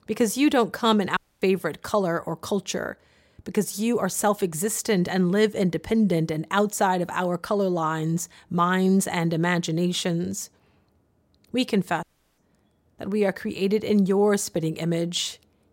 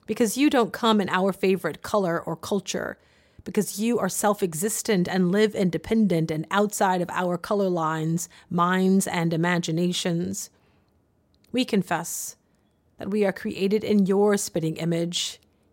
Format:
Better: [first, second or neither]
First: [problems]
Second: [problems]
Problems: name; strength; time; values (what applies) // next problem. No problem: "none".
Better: second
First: audio cutting out; at 1 s and at 12 s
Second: none